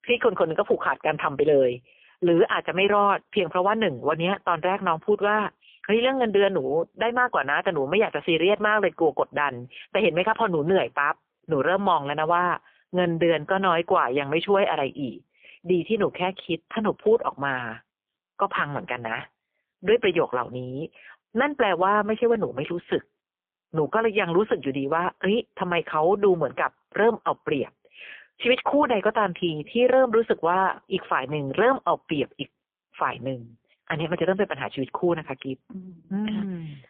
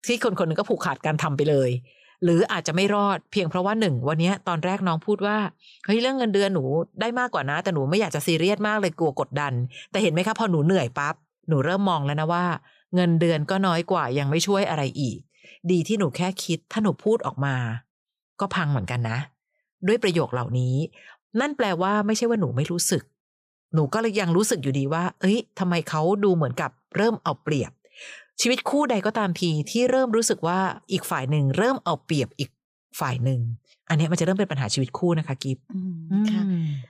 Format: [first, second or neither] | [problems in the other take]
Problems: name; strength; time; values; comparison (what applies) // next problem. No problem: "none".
second | phone-call audio; poor line; nothing above 3.5 kHz